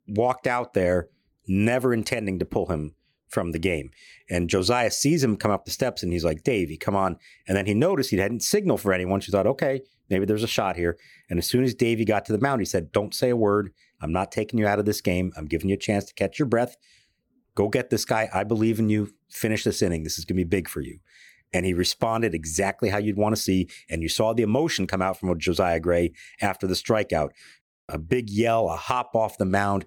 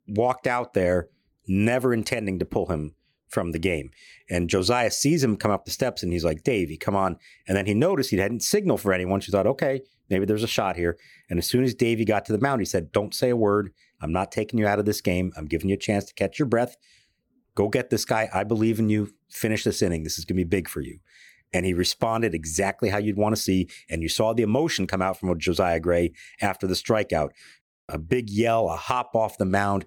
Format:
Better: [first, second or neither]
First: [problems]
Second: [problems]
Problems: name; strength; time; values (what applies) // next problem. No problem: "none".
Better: neither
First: none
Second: none